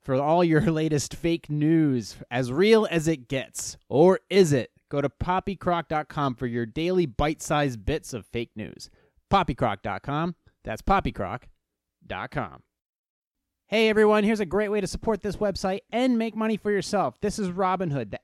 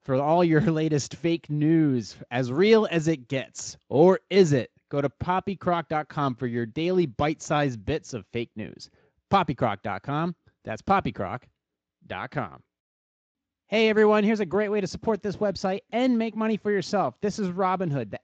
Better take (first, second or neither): first